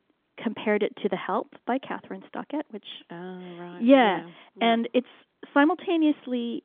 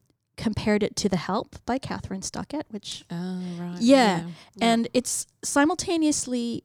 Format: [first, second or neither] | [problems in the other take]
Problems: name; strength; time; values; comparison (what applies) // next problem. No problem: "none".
second | phone-call audio; nothing above 3.5 kHz